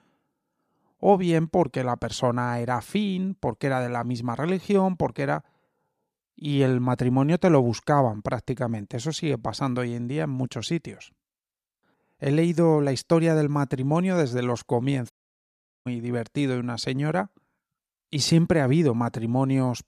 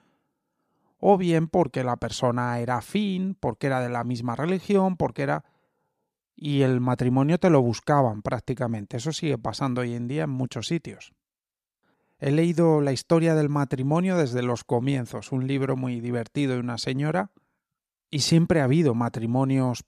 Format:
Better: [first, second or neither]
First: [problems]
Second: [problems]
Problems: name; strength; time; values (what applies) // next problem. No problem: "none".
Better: second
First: audio cutting out; at 15 s for 1 s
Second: none